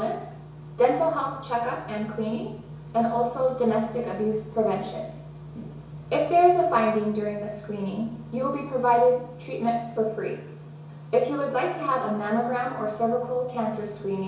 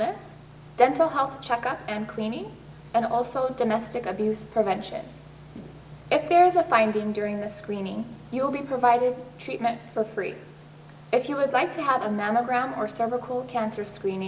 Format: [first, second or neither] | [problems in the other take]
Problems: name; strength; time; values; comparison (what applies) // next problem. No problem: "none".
second | room echo; dies away in 0.6 s